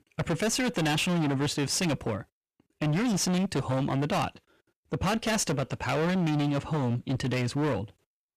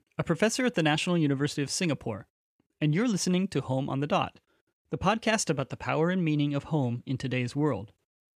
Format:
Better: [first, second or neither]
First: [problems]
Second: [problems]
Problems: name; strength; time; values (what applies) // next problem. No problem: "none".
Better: second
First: distortion; heavy; 28% of the sound clipped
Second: none